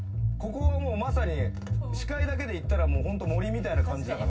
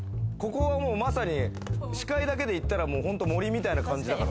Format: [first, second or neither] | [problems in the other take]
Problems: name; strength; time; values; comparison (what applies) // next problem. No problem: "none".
second | room echo; dies away in 0.4 s